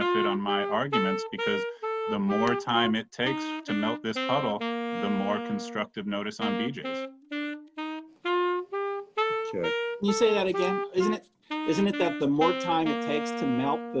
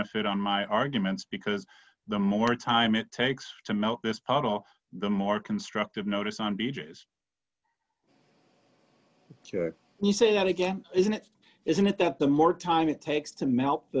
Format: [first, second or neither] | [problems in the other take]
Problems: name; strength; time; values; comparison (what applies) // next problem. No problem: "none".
second | background sound (Wind instrument, woodwind instrument); 2 dB below the speech